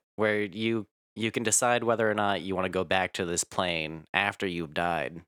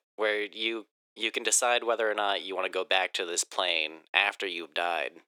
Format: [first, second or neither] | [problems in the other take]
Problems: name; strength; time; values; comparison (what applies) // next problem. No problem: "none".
first | thin; very; fading below 350 Hz